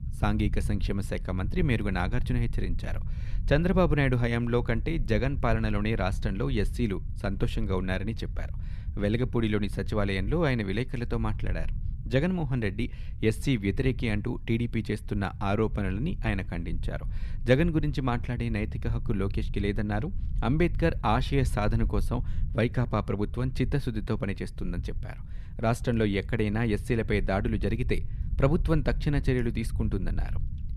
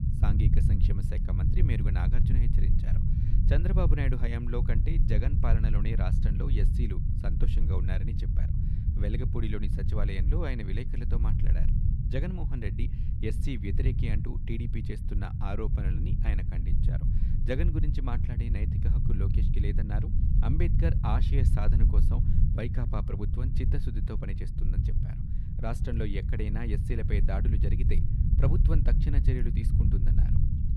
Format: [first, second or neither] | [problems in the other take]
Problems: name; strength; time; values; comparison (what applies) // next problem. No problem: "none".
first | low rumble; loud; throughout; 3 dB below the speech; faint in the first